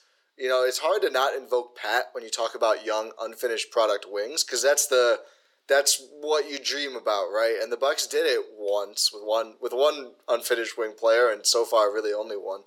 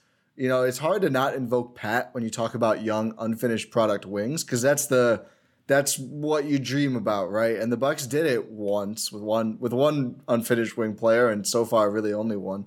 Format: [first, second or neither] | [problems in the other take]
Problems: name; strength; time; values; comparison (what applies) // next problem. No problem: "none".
second | thin; very; fading below 400 Hz